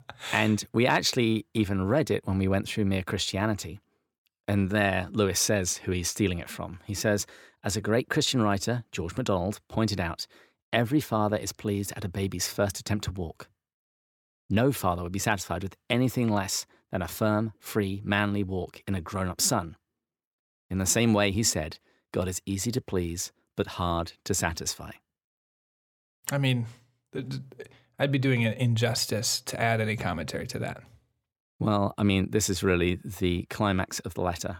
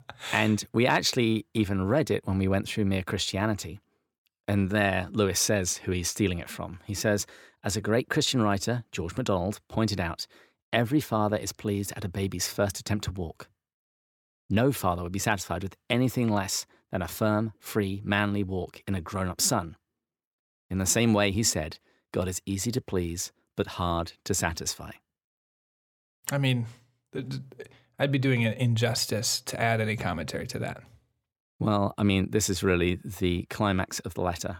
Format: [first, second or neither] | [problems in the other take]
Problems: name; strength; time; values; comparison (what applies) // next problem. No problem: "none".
neither | none